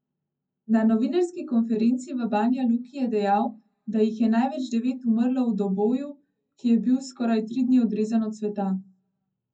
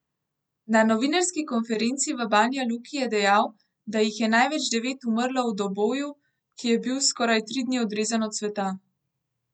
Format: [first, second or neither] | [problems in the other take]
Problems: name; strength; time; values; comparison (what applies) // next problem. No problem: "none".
second | room echo; dies away in 0.3 s